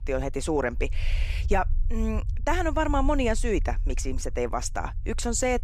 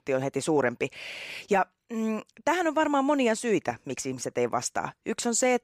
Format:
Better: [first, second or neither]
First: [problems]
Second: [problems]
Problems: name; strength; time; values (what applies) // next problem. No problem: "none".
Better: second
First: low rumble; faint; throughout; 25 dB below the speech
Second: none